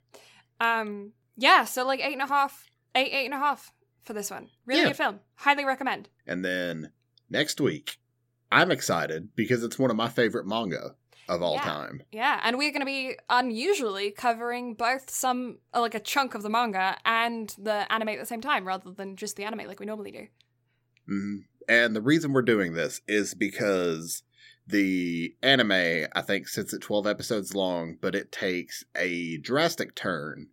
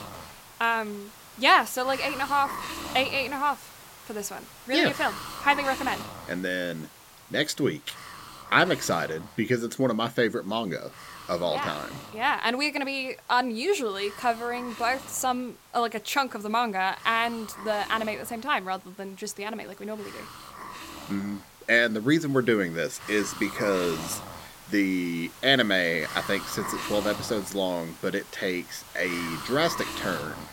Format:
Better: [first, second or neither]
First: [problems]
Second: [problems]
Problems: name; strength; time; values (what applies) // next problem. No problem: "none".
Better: first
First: none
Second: hiss; noticeable; throughout; 15 dB below the speech